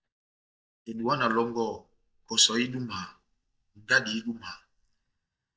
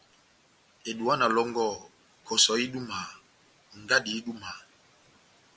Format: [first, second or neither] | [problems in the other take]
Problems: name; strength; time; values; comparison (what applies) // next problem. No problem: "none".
second | noise reduction (neural mask model DeepFilterNet 3)